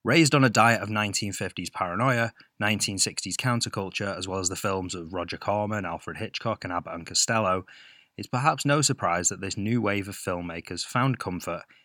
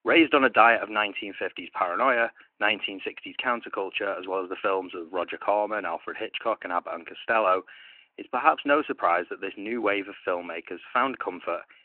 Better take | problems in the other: first | phone-call audio

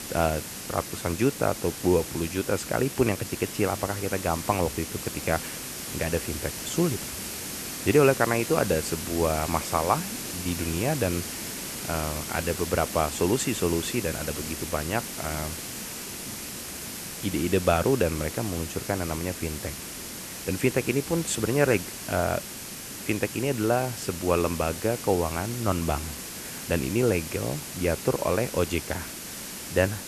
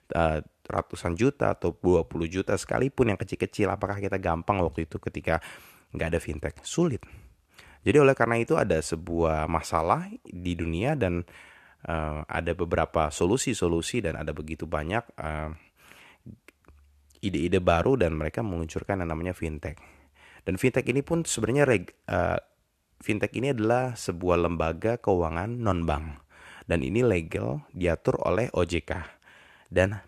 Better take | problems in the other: second | hiss; loud; throughout; 7 dB below the speech

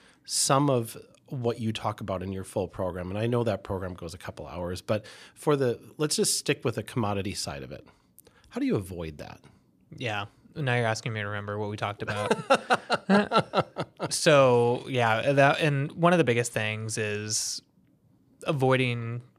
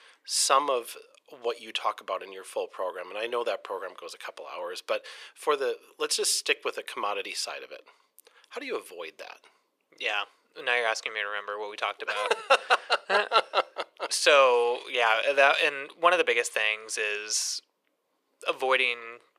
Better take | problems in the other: first | thin; very; fading below 450 Hz

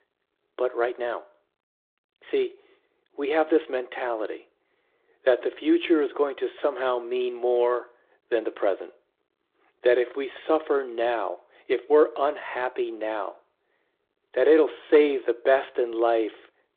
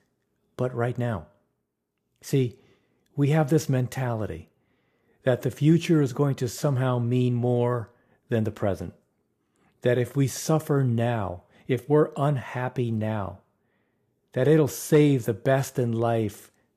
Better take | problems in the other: second | phone-call audio

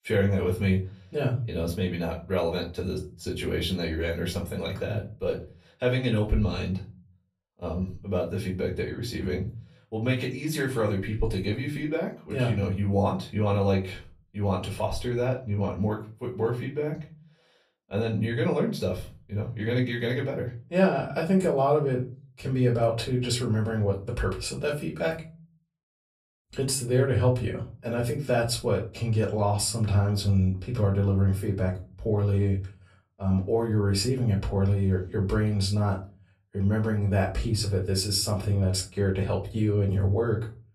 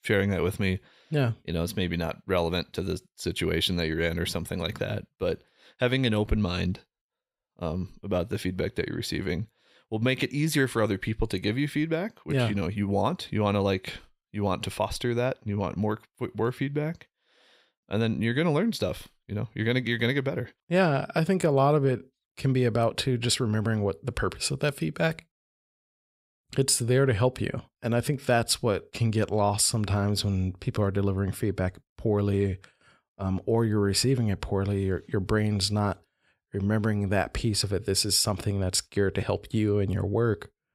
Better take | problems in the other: second | off-mic speech; far // room echo; very slight; dies away in 0.3 s

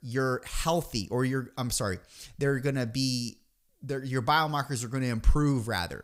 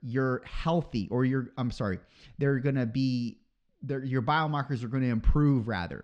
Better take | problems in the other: first | muffled; slightly; fading above 3.5 kHz

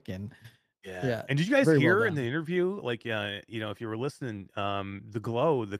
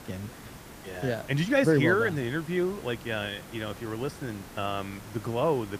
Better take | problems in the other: first | hiss; noticeable; throughout; 15 dB below the speech

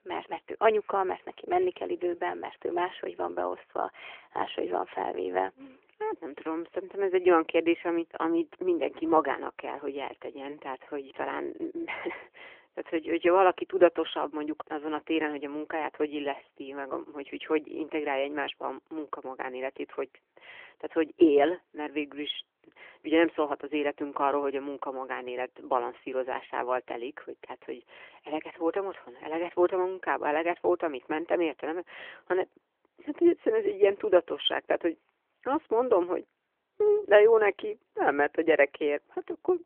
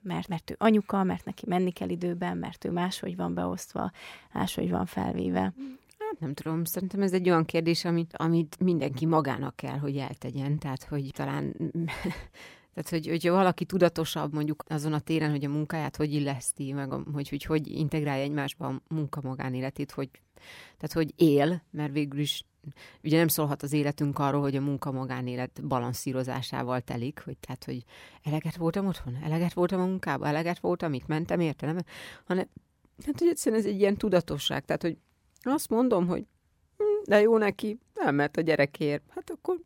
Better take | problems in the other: second | phone-call audio; nothing above 3.5 kHz

